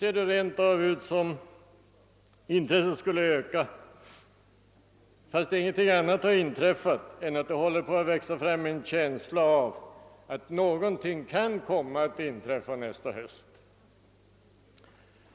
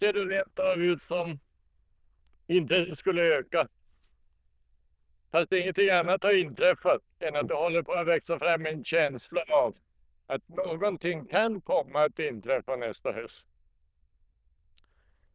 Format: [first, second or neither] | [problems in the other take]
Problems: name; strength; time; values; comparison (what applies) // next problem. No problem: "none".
first | noise reduction (neural diffusion model UNIVERSE++)